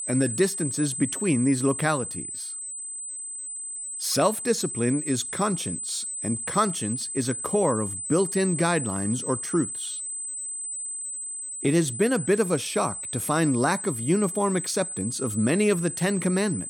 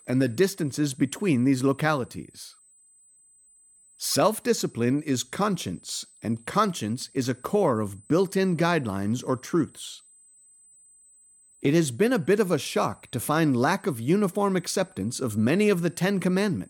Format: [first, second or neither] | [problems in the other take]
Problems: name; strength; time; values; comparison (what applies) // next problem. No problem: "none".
second | high-pitched whine; loud; throughout; 8 kHz, 5 dB below the speech; faint in the second